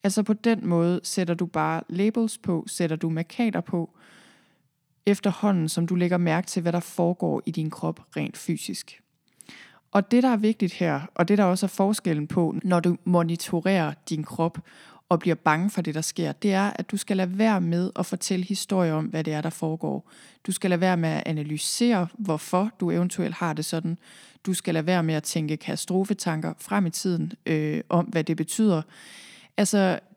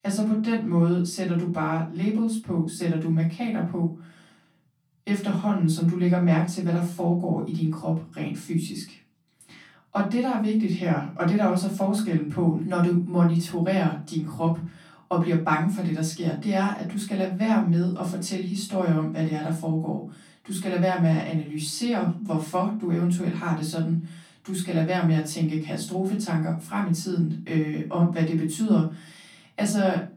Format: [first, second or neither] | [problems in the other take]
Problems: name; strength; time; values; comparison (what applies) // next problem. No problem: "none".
first | off-mic speech; far // room echo; slight; dies away in 0.3 s